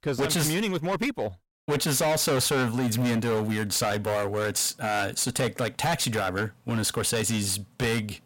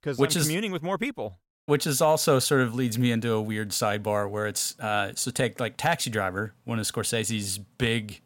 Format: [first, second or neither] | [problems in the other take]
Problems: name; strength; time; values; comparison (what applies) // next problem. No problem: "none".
second | distortion; heavy; 19% of the sound clipped